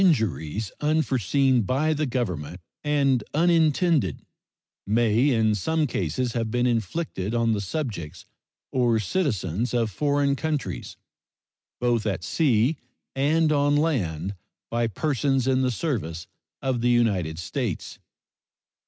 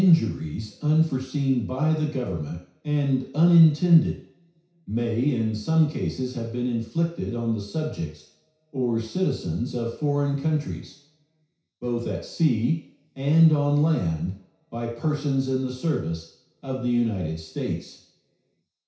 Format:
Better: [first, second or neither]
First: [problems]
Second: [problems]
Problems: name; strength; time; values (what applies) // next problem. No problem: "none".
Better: first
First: none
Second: room echo; dies away in 0.6 s